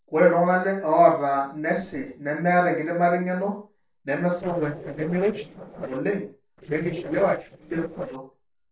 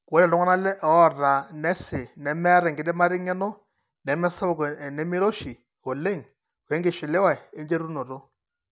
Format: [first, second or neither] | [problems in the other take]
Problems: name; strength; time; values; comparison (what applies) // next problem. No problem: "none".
second | noise reduction (neural separator model SepFormer DNS4)